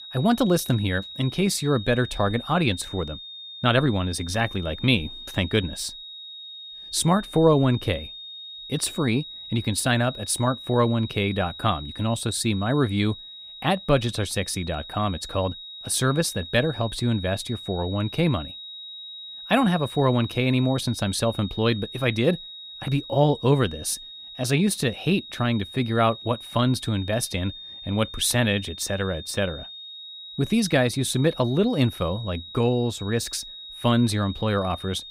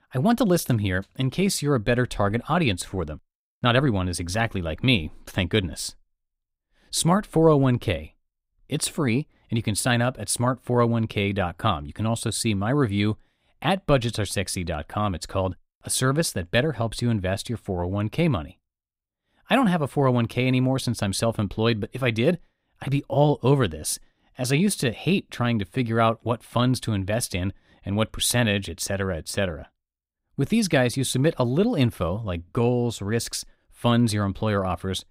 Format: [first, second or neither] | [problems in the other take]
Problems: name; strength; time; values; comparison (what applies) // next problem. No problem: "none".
second | high-pitched whine; noticeable; throughout; 4 kHz, 15 dB below the speech